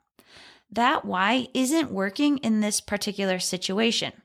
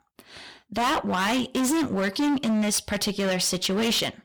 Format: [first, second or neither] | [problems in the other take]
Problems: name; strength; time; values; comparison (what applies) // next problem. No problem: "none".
first | distortion; heavy; 24% of the sound clipped